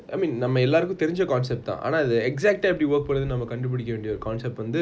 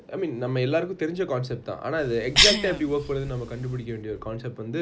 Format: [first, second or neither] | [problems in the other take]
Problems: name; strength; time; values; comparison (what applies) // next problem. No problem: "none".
first | background sound (Cough); as loud as the speech